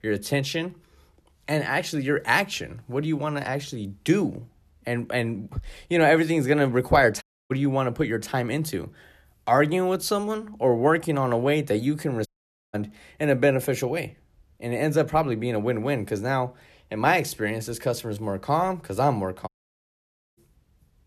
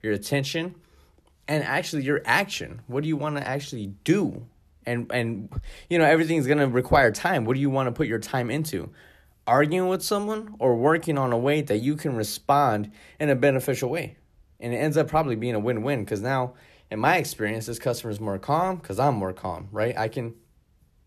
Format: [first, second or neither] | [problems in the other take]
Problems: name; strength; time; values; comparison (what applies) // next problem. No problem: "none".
second | audio cutting out; at 7 s, at 12 s and at 19 s for 1 s